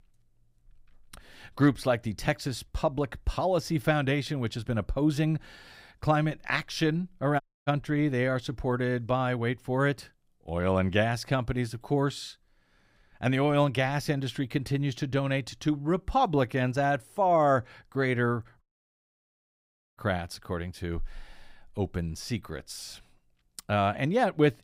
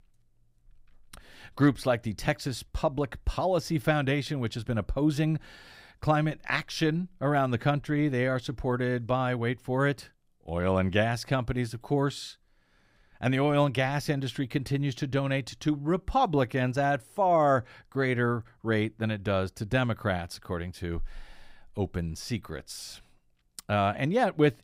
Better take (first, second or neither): second